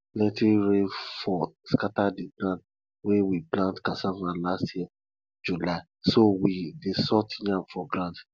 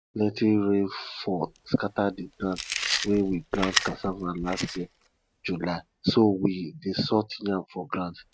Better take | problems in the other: first | noise reduction (neural mask model RNNoise)

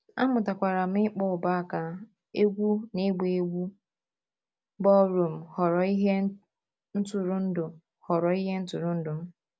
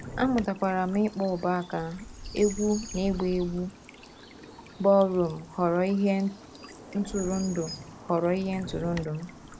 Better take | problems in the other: first | background sound (Stream / Bird vocalization, bird call, bird song); 14 dB below the speech

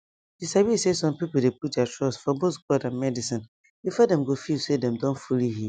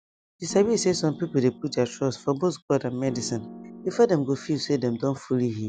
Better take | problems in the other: first | background sound (Piano); 16 dB below the speech

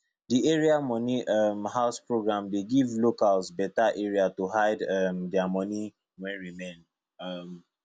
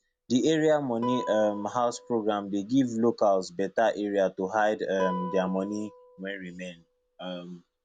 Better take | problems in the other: first | background sound (Guitar); 15 dB below the speech

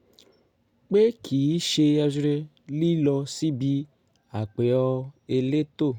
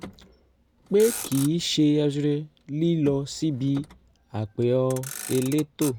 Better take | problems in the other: first | background sound (Motor vehicle (road)); 16 dB below the speech

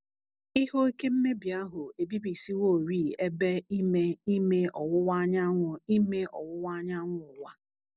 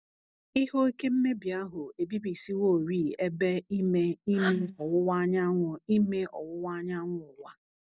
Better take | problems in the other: first | noise reduction (neural mask model DeepFilterNet 3)

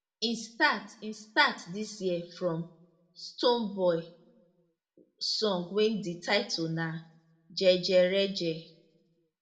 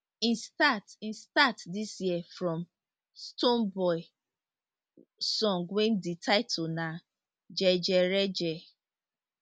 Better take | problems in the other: second | room echo; dies away in 0.3 s

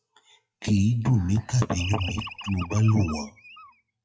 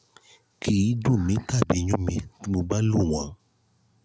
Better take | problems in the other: second | noise reduction (classical method WPE with log-MMSE)

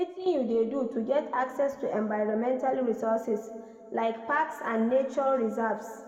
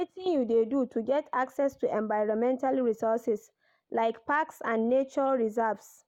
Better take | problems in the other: second | room echo; dies away in 1.9 s

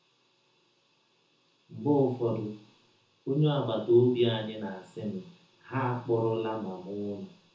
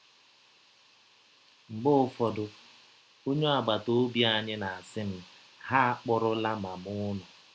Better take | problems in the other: second | room echo; dies away in 0.5 s

